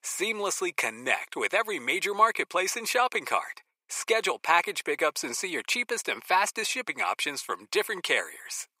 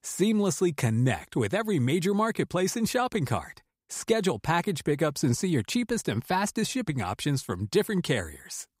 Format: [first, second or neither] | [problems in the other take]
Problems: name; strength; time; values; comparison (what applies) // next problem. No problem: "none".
second | thin; very; fading below 500 Hz